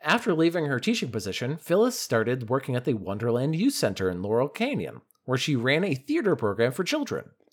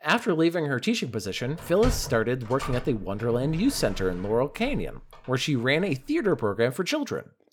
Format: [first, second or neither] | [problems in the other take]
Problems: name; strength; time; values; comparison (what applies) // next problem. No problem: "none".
first | door banging; noticeable; from 2 to 5 s; peak 6 dB below the speech